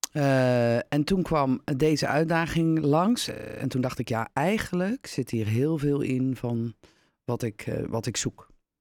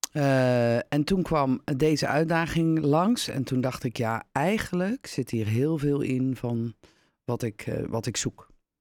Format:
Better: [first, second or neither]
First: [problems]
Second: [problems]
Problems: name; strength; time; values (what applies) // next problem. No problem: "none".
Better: second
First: audio freezing; at 3.5 s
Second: none